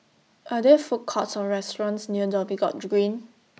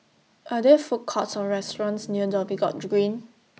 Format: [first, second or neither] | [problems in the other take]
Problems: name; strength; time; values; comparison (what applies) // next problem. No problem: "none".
first | background sound (Bass guitar); 20 dB below the speech